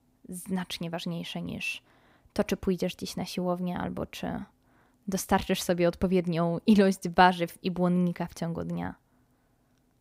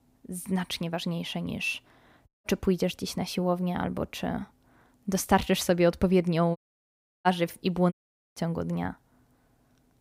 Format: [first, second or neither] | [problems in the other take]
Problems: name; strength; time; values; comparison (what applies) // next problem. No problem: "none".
first | audio cutting out; at 2.5 s, at 6.5 s for 0.5 s and at 8 s